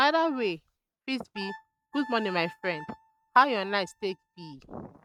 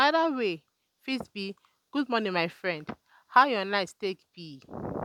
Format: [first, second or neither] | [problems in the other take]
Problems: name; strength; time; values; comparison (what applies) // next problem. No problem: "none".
second | noise reduction (neural mask model RNNoise)